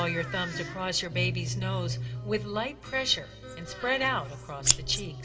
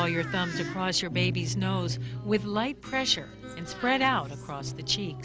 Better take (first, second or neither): second